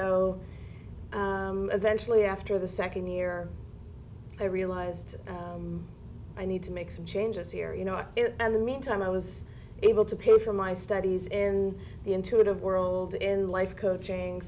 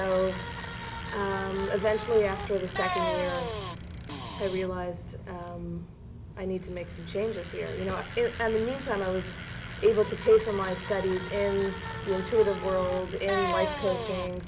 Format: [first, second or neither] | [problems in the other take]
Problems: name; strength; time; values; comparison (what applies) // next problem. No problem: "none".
first | background sound (Bicycle); 8 dB below the speech